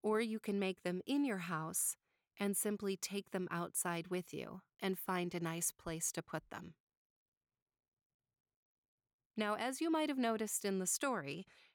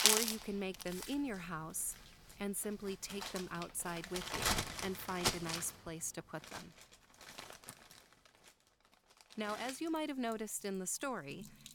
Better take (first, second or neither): first